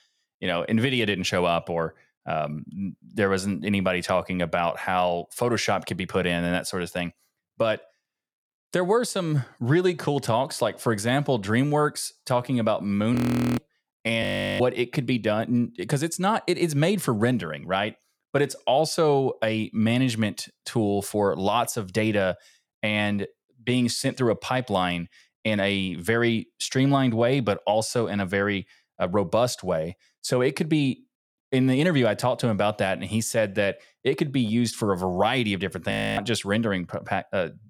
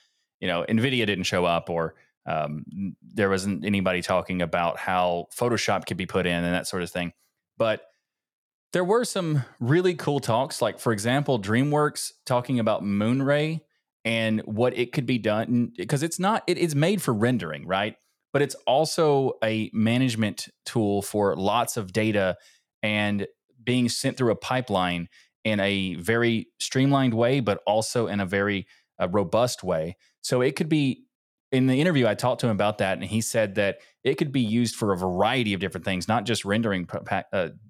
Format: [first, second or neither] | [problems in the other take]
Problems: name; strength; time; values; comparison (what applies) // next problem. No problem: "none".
second | audio freezing; at 13 s, at 14 s and at 36 s